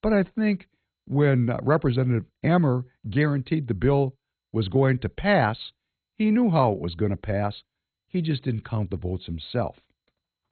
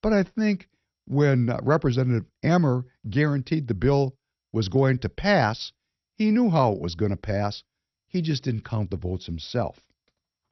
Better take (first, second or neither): second